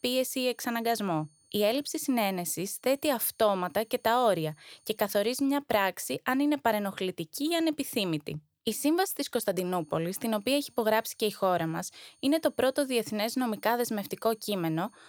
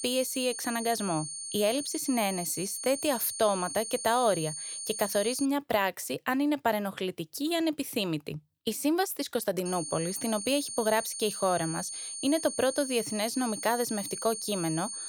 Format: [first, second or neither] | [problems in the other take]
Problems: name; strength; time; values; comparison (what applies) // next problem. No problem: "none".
first | high-pitched whine; loud; until 5.5 s and from 9.5 s on; 9 kHz, 6 dB below the speech; faint in the first